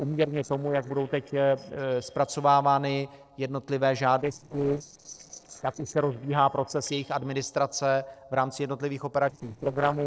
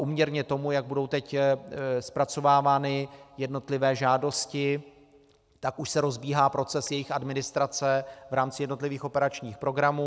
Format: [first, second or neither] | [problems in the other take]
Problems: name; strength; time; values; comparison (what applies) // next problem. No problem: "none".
second | noise reduction (neural separator model SepFormer DNS4)